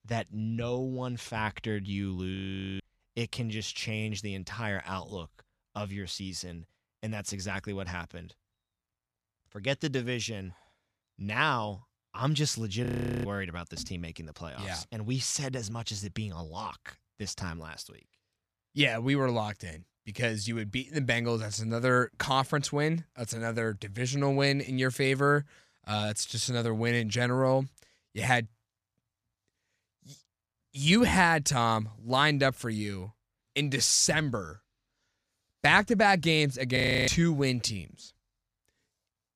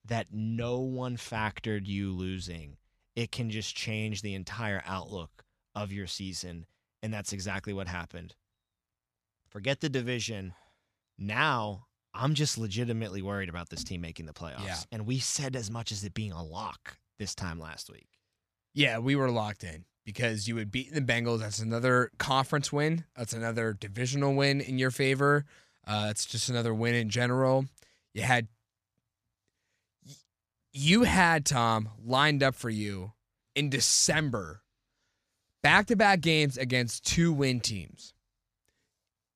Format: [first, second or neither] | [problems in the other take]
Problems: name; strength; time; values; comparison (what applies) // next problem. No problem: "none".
second | audio freezing; at 2.5 s, at 13 s and at 37 s